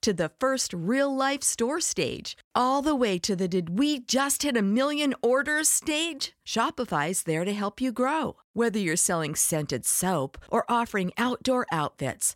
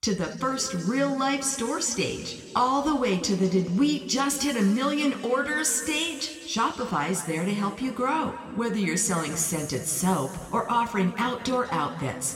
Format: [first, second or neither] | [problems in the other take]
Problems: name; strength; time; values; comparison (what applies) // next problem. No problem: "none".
first | room echo; slight; dies away in 2.2 s